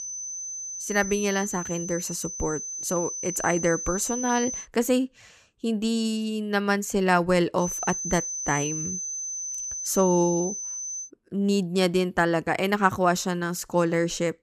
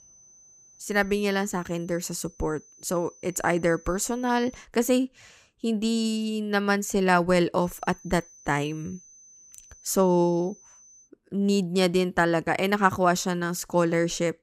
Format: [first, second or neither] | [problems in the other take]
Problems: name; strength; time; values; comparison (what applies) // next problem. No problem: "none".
second | high-pitched whine; loud; until 4.5 s and from 7.5 to 11 s; 6 kHz, 5 dB below the speech; faint in the second